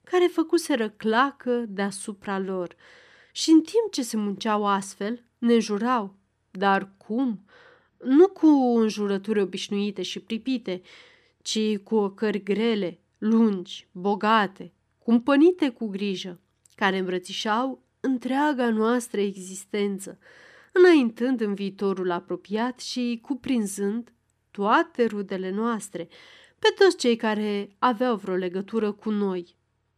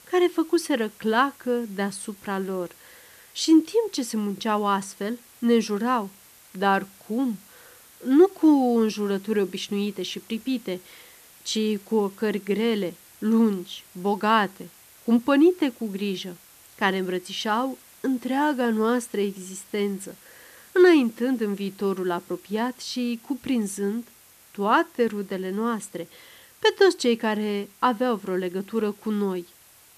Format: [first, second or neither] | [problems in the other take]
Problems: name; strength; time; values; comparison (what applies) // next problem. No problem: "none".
first | hiss; faint; throughout; 25 dB below the speech